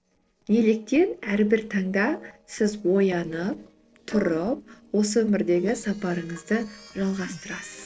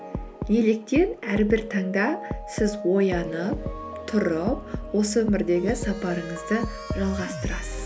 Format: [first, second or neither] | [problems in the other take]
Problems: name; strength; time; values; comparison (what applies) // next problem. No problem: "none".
second | noise reduction (neural separator model SepFormer DNS4)